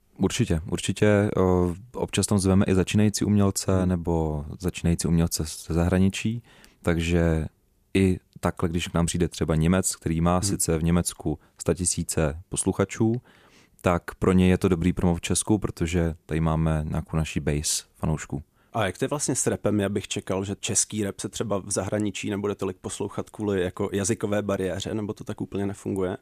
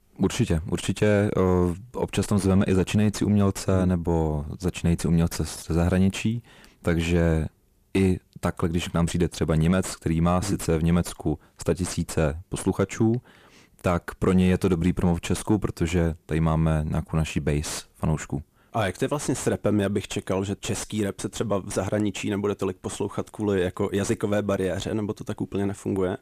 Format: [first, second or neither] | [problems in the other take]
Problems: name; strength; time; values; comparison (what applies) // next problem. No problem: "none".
first | distortion; slight; 10 dB below the speech